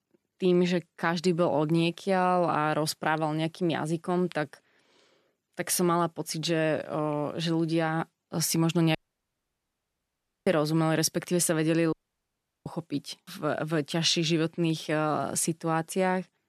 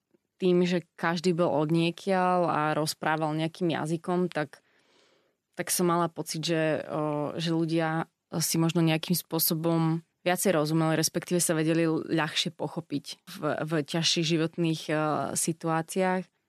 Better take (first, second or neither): second